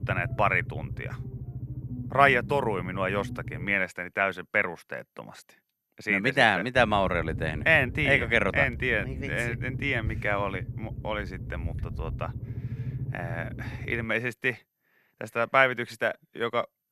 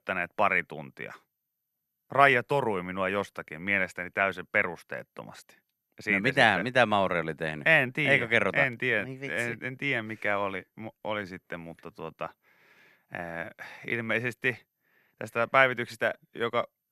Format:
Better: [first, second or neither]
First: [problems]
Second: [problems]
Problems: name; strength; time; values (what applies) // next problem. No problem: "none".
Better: second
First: low rumble; faint; until 4 s and from 7 to 14 s; 25 dB below the speech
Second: none